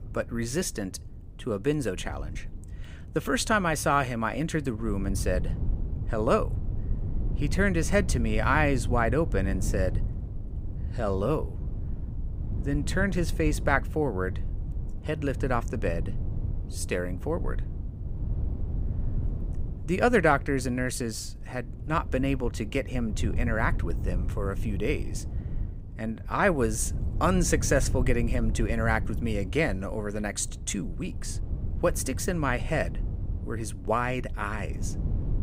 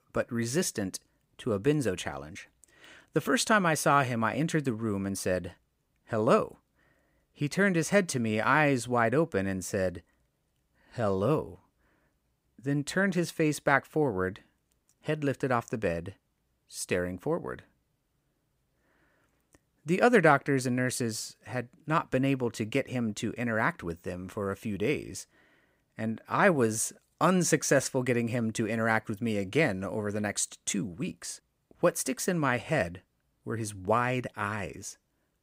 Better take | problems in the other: second | wind noise on the microphone; occasional gusts; 20 dB below the speech

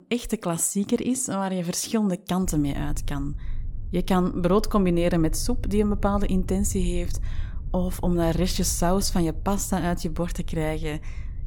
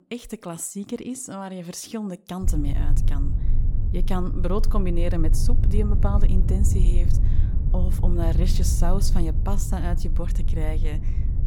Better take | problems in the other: first | low rumble; loud; from 2.5 s on; 8 dB below the speech; faint in the first

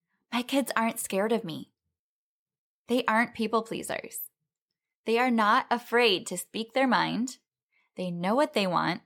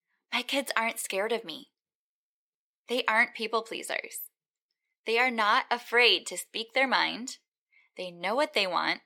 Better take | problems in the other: first | thin; somewhat; fading below 400 Hz

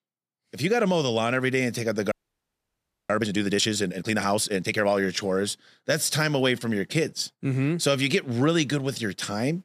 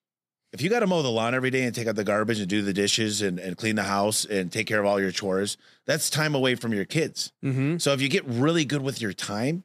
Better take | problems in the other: second | audio freezing; at 2 s for 1 s

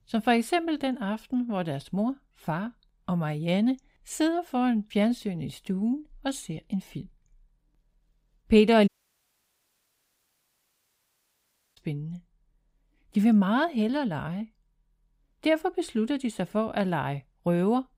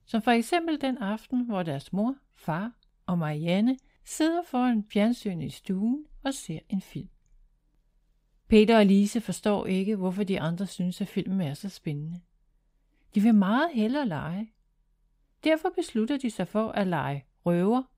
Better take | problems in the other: second | audio cutting out; at 9 s for 3 s

